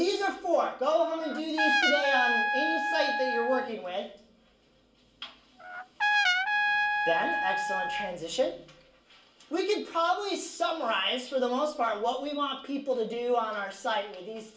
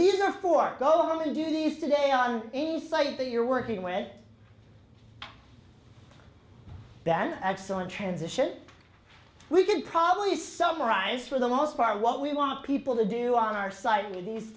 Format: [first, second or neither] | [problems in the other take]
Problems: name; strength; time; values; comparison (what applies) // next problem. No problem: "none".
second | background sound (Trumpet); 1 dB above the speech // room echo; dies away in 0.2 s